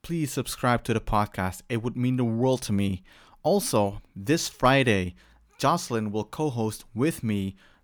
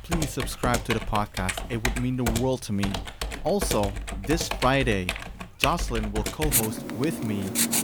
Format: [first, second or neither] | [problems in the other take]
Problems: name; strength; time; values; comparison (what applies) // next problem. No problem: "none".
first | household noises; loud; throughout; 2 dB below the speech